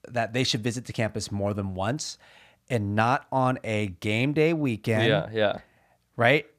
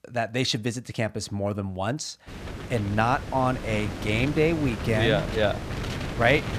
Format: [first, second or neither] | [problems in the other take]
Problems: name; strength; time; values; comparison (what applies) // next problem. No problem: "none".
first | wind noise on the microphone; heavy; from 2.5 s on; 10 dB below the speech